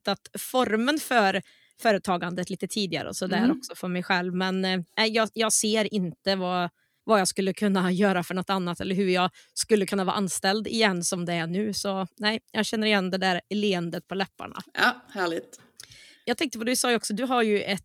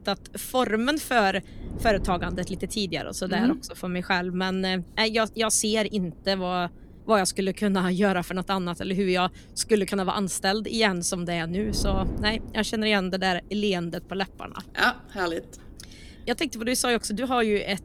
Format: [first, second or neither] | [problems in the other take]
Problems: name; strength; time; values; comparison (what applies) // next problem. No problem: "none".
first | wind noise on the microphone; occasional gusts; 25 dB below the speech